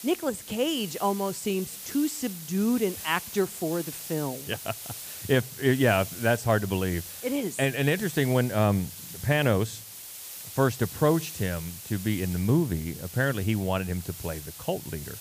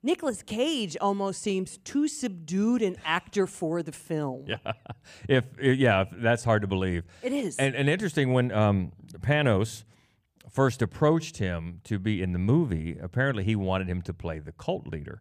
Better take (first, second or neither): second